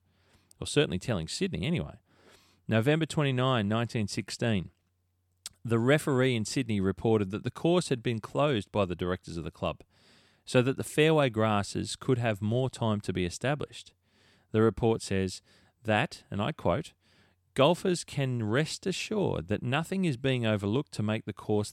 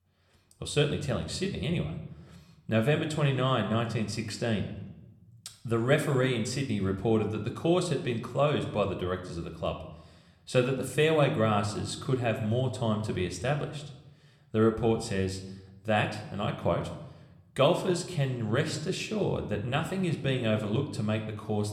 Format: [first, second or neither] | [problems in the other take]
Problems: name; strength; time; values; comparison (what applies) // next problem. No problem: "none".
first | room echo; slight; dies away in 0.7 s